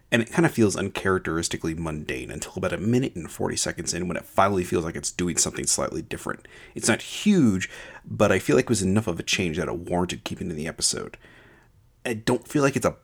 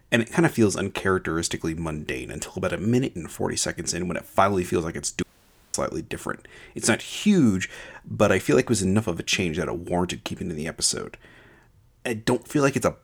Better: first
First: none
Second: audio cutting out; at 5 s for 0.5 s

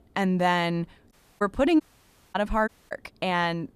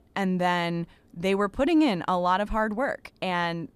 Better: second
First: audio cutting out; at 1 s, at 2 s for 0.5 s and at 2.5 s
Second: none

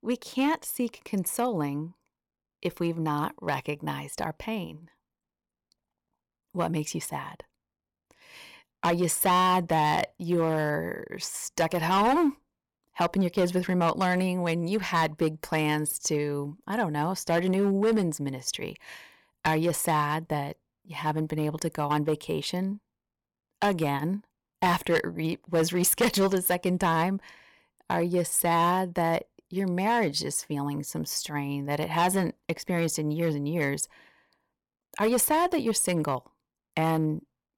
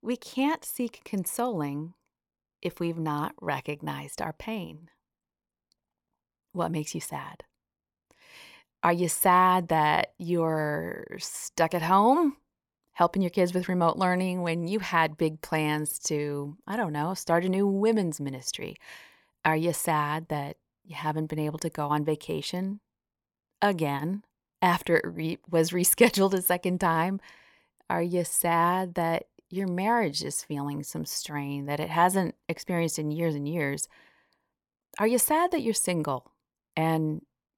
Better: second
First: distortion; slight; 4% of the sound clipped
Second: none

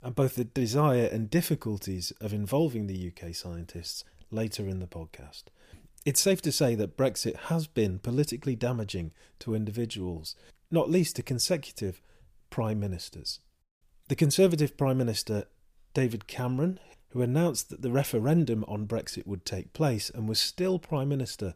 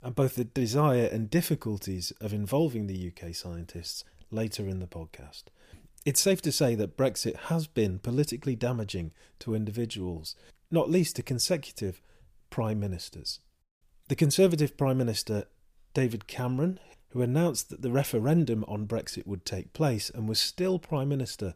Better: neither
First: none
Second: none

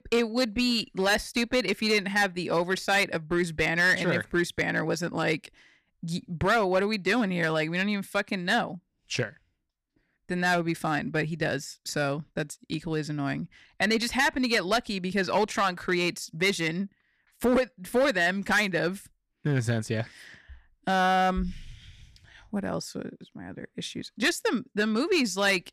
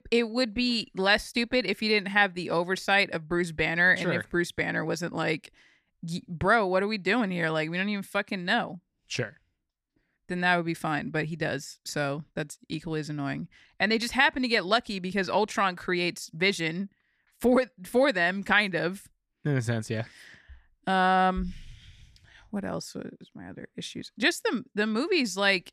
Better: second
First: distortion; slight; 4% of the sound clipped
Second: none

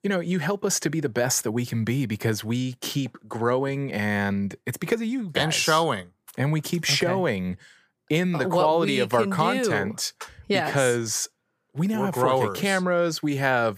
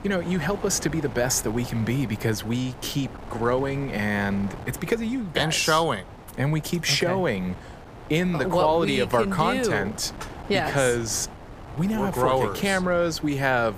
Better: first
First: none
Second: wind noise on the microphone; occasional gusts; 15 dB below the speech

